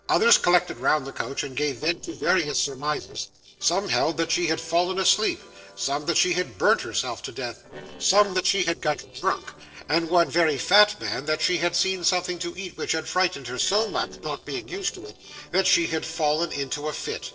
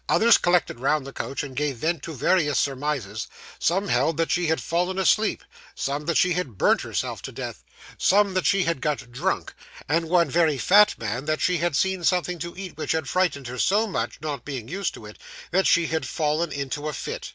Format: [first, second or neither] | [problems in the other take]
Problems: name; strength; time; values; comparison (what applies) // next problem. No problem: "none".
second | noise reduction (neural separator model SepFormer DNS4)